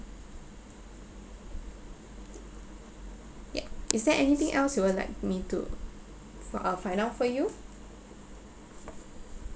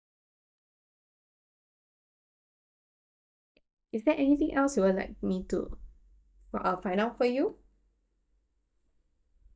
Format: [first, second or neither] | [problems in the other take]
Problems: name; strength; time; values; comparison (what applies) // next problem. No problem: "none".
first | noise reduction (neural mask model DeepFilterNet 3)